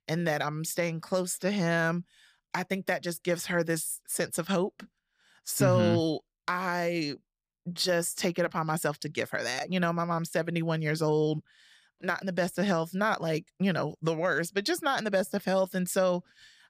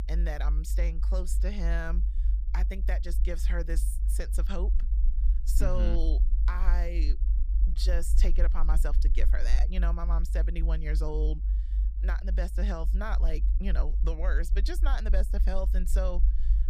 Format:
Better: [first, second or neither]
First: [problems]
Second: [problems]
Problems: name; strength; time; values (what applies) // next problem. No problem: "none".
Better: first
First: none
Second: low rumble; noticeable; throughout; 10 dB below the speech